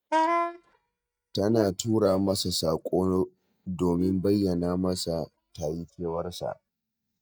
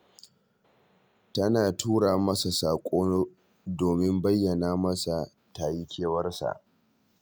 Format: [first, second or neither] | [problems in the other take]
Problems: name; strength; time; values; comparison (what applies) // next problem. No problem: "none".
second | noise reduction (neural mask model DeepFilterNet 3)